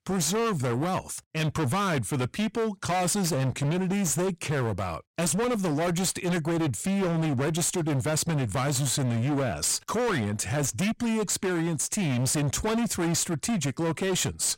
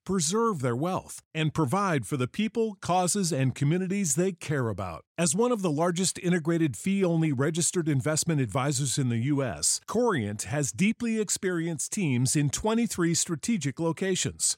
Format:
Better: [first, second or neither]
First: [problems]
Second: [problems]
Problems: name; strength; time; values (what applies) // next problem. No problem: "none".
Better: second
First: distortion; heavy; 36% of the sound clipped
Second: none